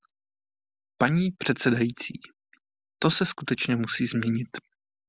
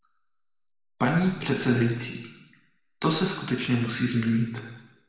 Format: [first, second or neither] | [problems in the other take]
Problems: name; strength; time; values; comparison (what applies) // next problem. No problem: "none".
first | room echo; dies away in 1 s